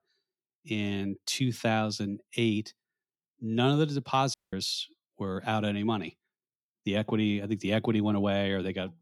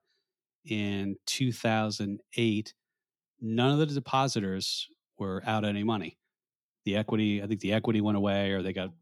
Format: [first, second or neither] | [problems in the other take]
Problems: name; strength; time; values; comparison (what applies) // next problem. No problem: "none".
second | audio cutting out; at 4.5 s